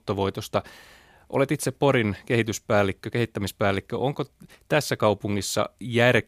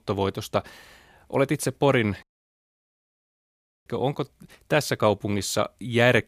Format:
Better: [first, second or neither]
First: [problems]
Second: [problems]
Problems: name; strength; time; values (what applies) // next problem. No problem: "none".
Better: first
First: none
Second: audio cutting out; at 2 s for 1.5 s